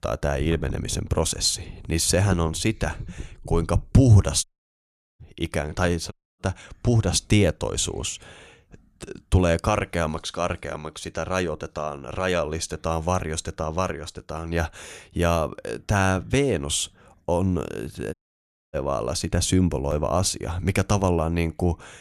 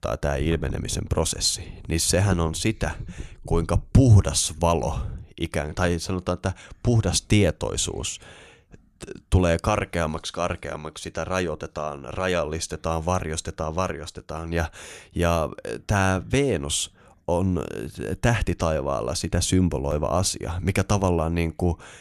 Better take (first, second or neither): second